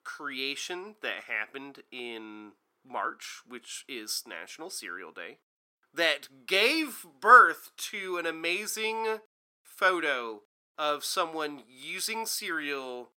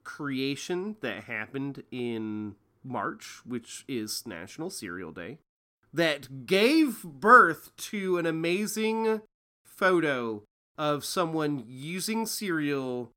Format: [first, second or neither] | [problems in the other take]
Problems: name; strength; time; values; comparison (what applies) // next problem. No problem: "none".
second | thin; somewhat; fading below 550 Hz